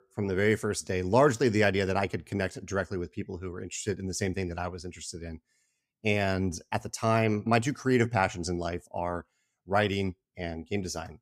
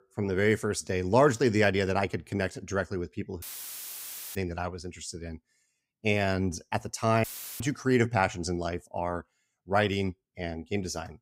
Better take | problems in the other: first | audio cutting out; filled with static; at 3.5 s for 1 s and at 7 s

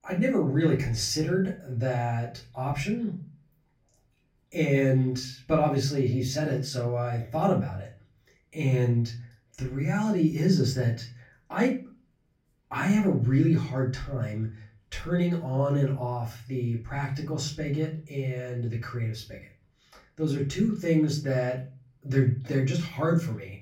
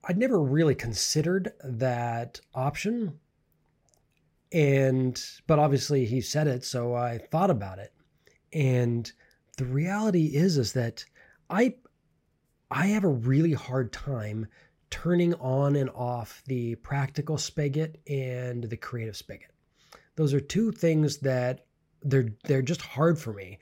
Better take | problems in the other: second | off-mic speech; far // room echo; slight; dies away in 0.3 s

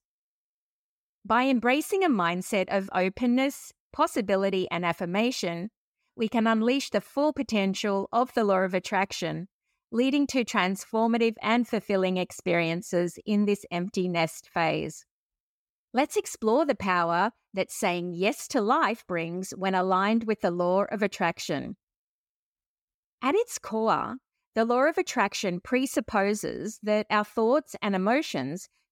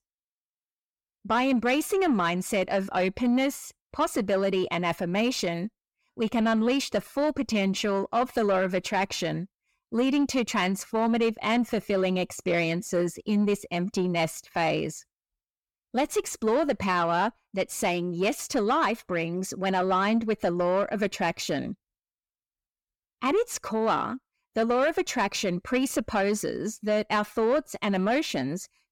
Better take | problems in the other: first | distortion; slight; 10 dB below the speech

